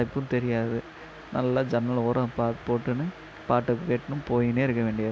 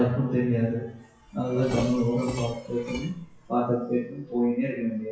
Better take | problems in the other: first | noise reduction (classical method WPE with log-MMSE)

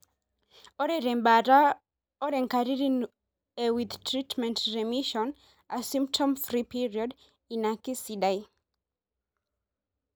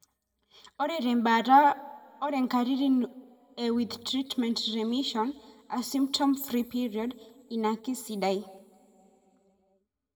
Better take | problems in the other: first | room echo; dies away in 1.9 s

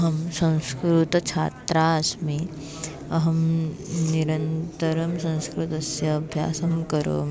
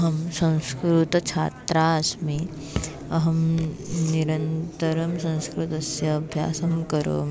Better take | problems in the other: first | background sound (Raindrop / Drip); 12 dB below the speech

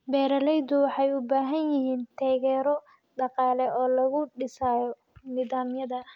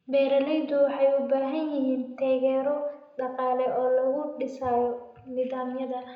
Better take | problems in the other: first | room echo; dies away in 0.8 s

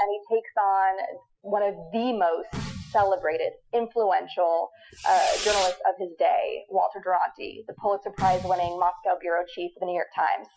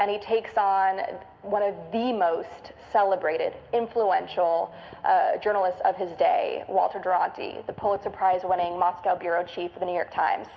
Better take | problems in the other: second | noise reduction (classical method Wiener filter)

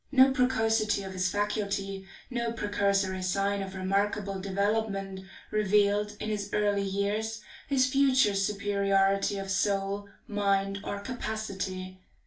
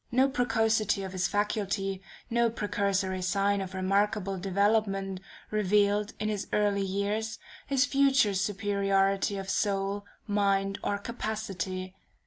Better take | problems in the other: second | room echo; dies away in 0.3 s

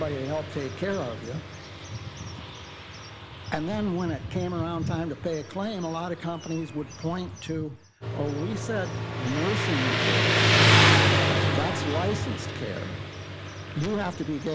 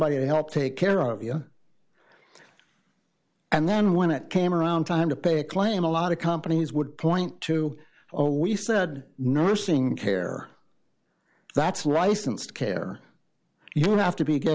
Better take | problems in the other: second | background sound (Motorcycle); 5 dB above the speech

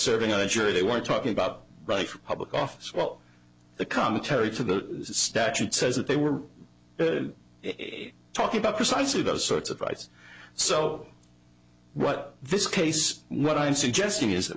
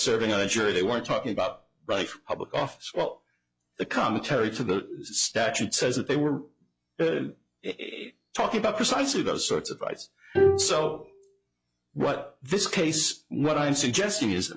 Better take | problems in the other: first | noise reduction (classical method log-MMSE)

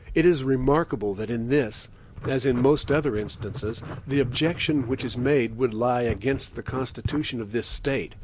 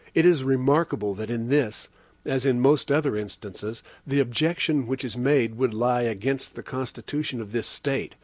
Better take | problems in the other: second | background sound (Writing); 12 dB below the speech

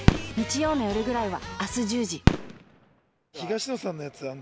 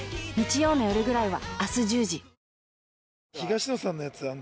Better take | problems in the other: second | background sound (Fireworks); as loud as the speech

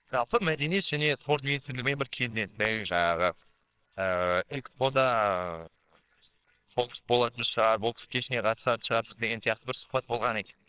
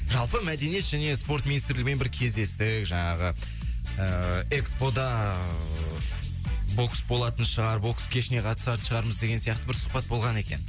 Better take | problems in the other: second | noise reduction (neural separator model SepFormer WHAMR!)

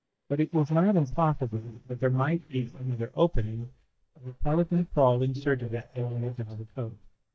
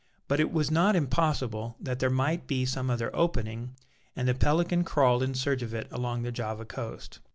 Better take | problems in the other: second | noise reduction (neural mask model DeepFilterNet 3)

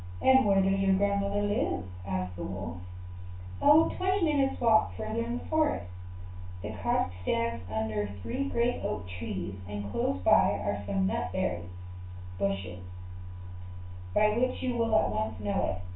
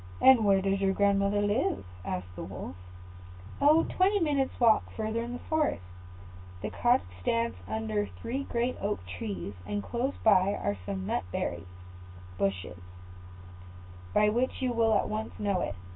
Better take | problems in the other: second | room echo; dies away in 0.3 s

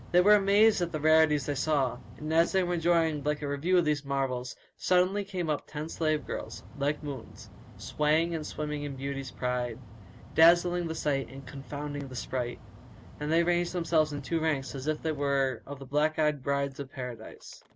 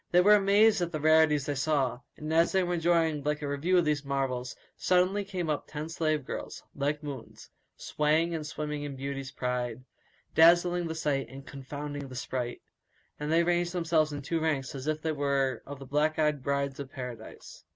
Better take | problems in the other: second | background sound (Mechanical fan); 19 dB below the speech

